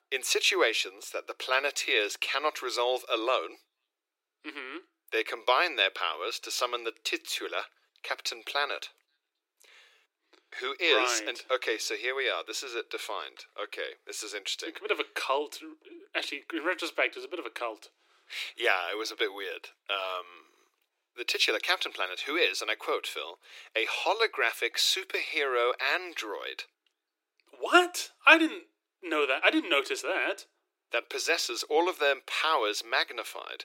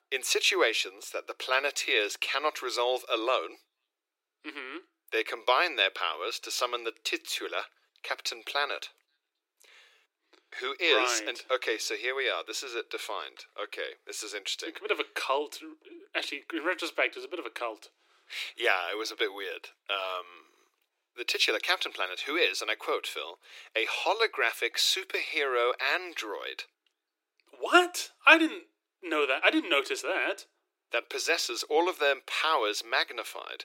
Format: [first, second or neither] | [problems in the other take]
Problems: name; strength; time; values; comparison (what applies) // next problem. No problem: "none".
neither | thin; very; fading below 300 Hz; the same in both